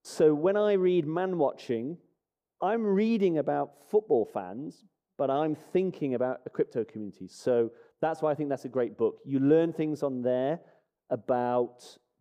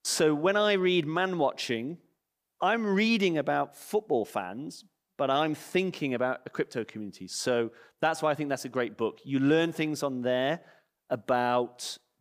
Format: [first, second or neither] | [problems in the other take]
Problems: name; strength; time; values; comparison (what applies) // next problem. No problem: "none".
second | muffled; slightly; fading above 1 kHz